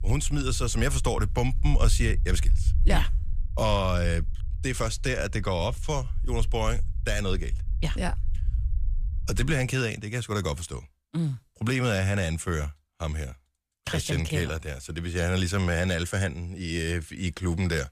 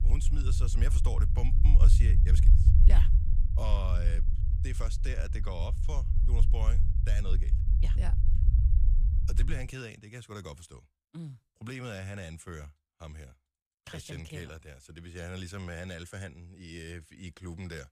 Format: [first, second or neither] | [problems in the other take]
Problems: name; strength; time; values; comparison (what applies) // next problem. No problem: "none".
first | low rumble; loud; until 9.5 s; 3 dB below the speech; faint in the first